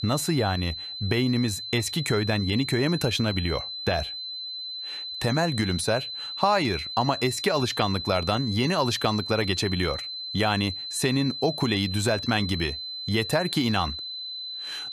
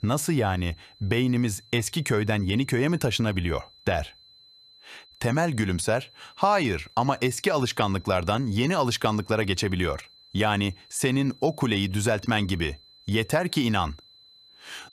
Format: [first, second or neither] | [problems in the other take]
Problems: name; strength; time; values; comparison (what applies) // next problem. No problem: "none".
second | high-pitched whine; loud; throughout; 4 kHz, 6 dB below the speech; faint in the second